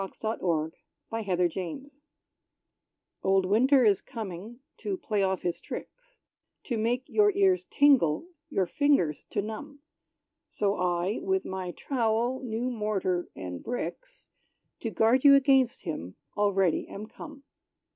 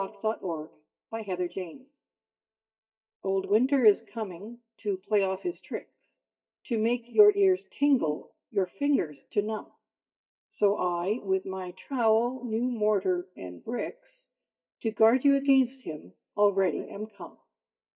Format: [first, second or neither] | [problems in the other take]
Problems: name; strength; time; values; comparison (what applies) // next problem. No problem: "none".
first | noise reduction (neural mask model DeepFilterNet 3)